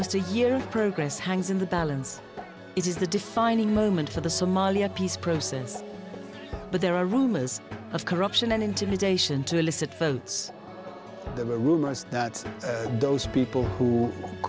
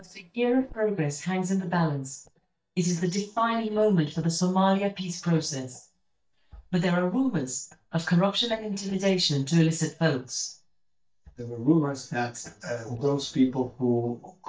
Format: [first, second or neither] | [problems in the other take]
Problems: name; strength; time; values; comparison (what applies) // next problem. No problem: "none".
first | noise reduction (neural mask model DeepFilterNet 3)